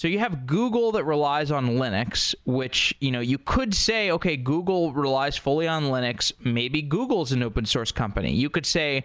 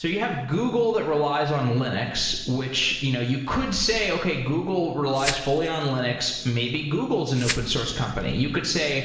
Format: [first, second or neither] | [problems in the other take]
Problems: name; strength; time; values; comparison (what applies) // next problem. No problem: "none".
first | background sound (Glass); 10 dB below the speech // room echo; dies away in 0.9 s